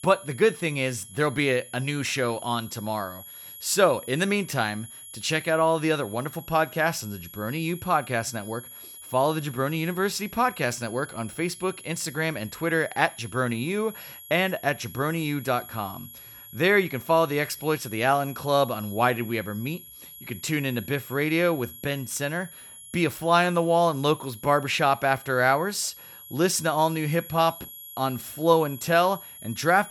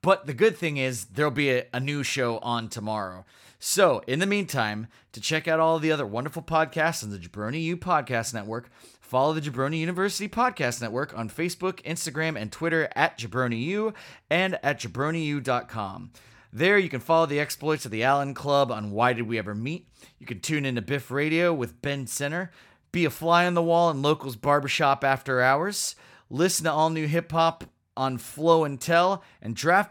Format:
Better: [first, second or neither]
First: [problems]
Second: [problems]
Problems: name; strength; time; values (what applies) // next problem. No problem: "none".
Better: second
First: high-pitched whine; noticeable; throughout; 11.5 kHz, 15 dB below the speech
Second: none